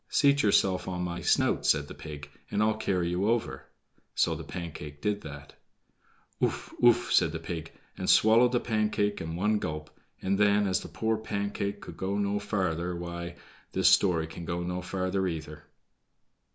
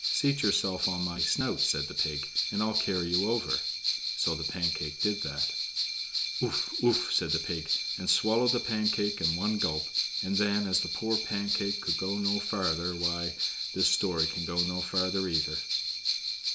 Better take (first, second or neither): first